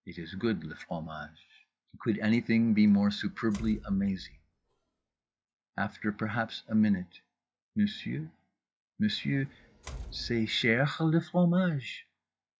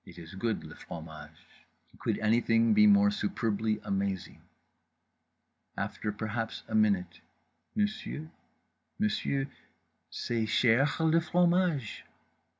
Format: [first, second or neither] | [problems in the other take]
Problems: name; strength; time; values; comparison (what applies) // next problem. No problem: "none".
second | noise reduction (classical method log-MMSE)